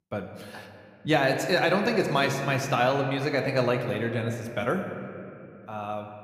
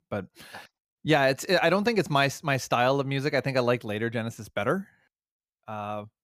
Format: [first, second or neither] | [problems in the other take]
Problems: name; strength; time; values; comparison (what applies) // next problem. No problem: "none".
second | room echo; slight; dies away in 2.1 s